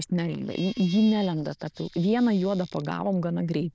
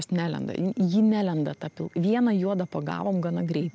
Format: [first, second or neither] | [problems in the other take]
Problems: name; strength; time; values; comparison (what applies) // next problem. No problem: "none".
second | noise reduction (neural diffusion model UNIVERSE++)